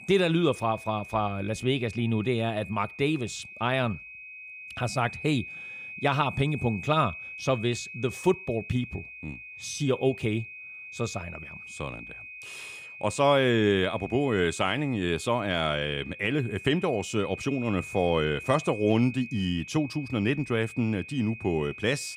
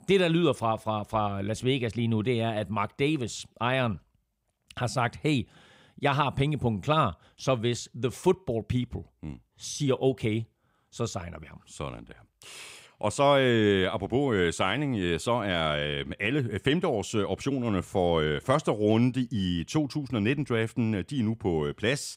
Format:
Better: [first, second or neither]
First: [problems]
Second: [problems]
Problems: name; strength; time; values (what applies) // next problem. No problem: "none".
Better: second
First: high-pitched whine; noticeable; throughout; 2.5 kHz, 15 dB below the speech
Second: none